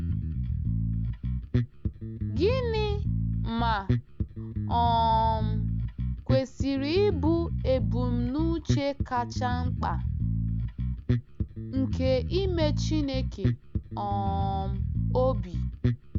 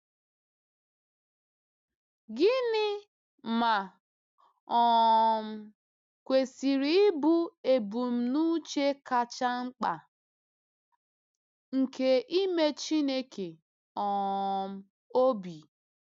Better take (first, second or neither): second